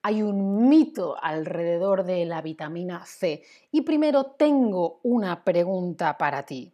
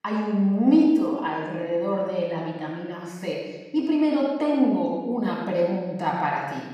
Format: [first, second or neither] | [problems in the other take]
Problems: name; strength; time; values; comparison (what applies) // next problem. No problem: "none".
first | off-mic speech; far // room echo; noticeable; dies away in 1.1 s